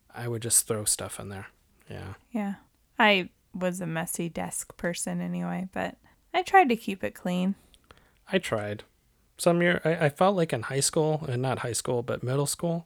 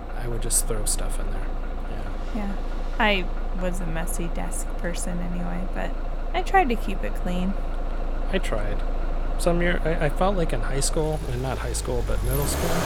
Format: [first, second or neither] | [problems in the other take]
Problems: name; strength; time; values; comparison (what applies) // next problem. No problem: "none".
first | traffic noise; loud; throughout; 5 dB below the speech